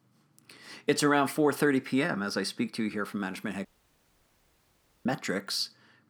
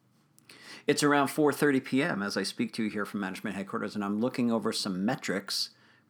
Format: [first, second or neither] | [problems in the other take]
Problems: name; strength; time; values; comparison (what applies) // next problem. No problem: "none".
second | audio cutting out; at 3.5 s for 1.5 s